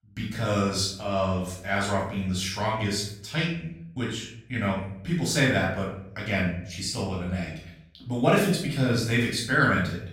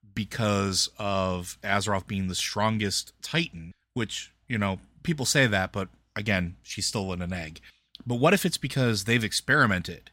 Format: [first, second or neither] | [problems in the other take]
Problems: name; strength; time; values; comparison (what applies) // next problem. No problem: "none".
second | off-mic speech; far // room echo; noticeable; dies away in 0.6 s